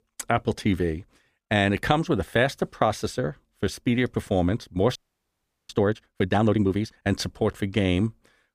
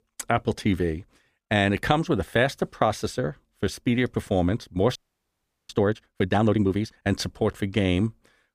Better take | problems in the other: neither | audio freezing; at 5 s for 0.5 s; the same in both

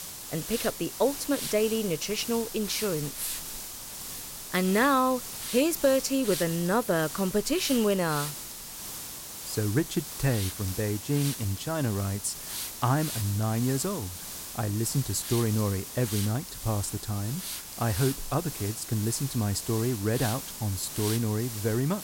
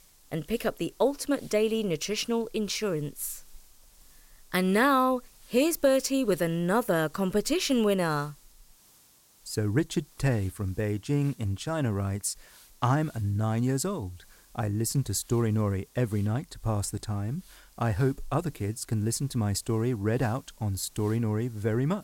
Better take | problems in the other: second | hiss; loud; throughout; 7 dB below the speech; faint in the second

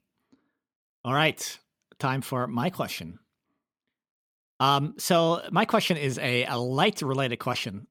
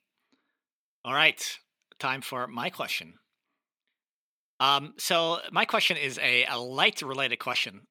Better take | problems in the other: first | thin; somewhat; fading below 550 Hz

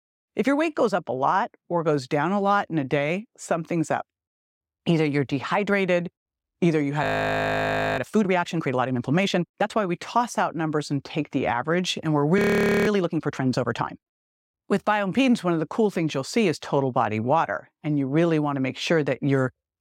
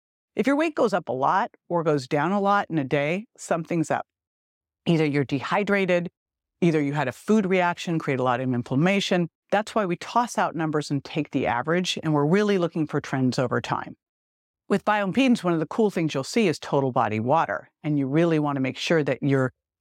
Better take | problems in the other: second | audio freezing; at 7 s for 1 s and at 12 s

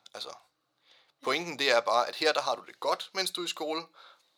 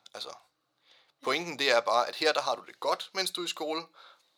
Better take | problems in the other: neither | thin; very; fading below 700 Hz; the same in both

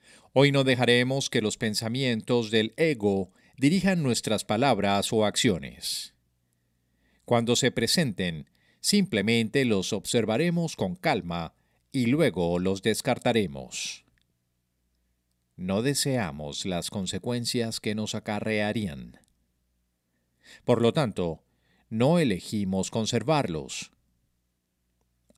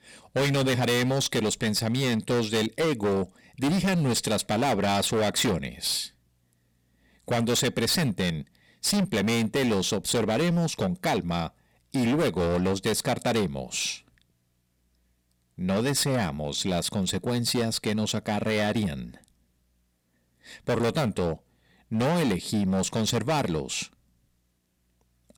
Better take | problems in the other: first | distortion; heavy; 17% of the sound clipped

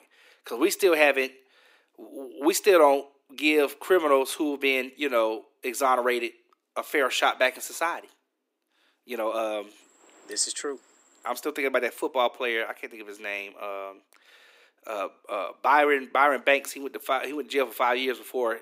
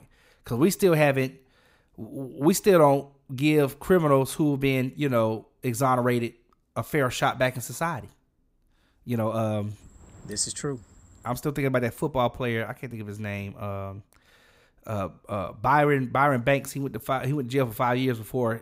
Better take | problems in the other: second | thin; somewhat; fading below 300 Hz

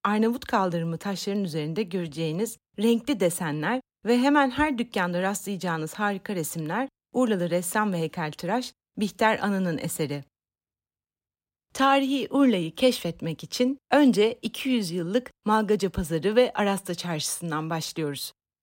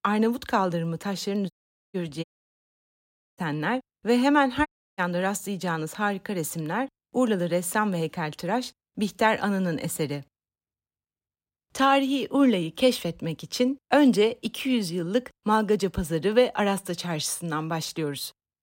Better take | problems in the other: first | audio cutting out; at 1.5 s, at 2 s for 1 s and at 4.5 s

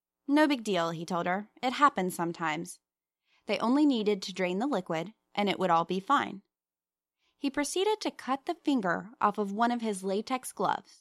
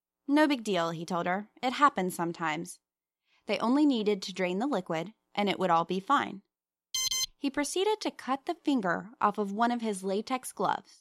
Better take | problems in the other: first | alarm; loud; at 7 s; peak 2 dB above the speech

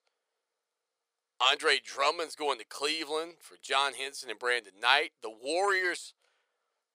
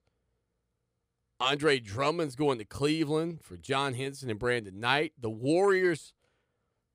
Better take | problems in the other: second | thin; very; fading below 600 Hz

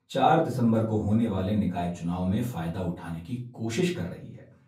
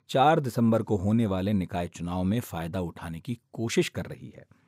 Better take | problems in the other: second | off-mic speech; far // room echo; slight; dies away in 0.4 s

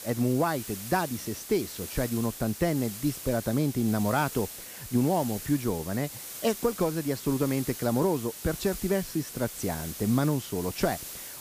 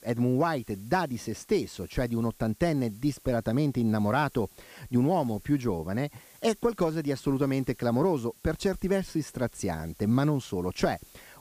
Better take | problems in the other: second | hiss; loud; throughout; 9 dB below the speech; faint in the second

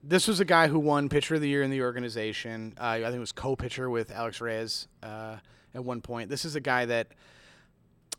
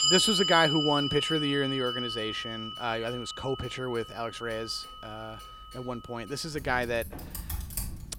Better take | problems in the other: first | household noises; loud; throughout; 1 dB below the speech

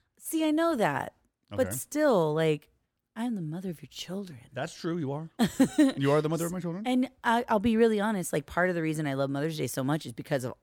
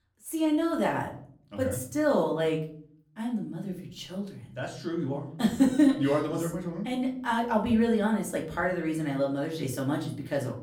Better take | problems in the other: first | room echo; slight; dies away in 0.5 s // off-mic speech; far

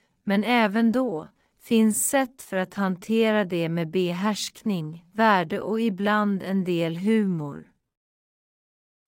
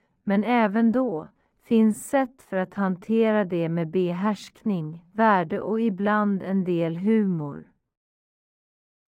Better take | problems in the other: first | muffled; slightly; fading above 2.5 kHz

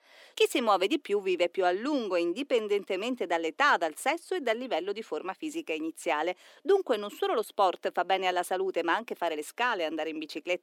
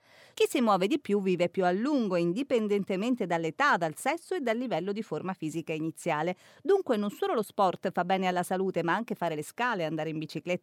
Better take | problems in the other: second | thin; somewhat; fading below 300 Hz

